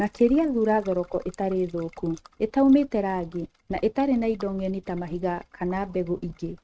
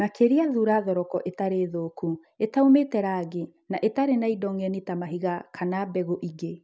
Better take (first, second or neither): second